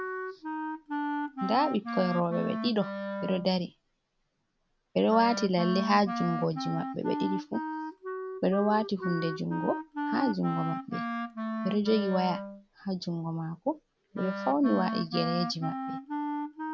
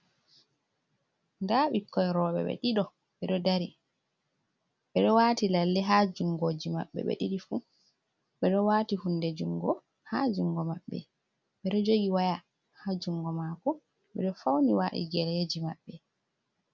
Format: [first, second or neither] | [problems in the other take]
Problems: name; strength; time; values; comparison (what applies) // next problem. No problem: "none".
second | background sound (Wind instrument, woodwind instrument); 5 dB below the speech